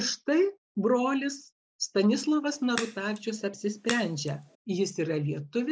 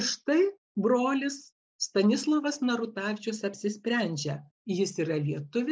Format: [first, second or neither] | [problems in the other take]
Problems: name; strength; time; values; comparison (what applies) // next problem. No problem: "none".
second | background sound (Crack); 12 dB below the speech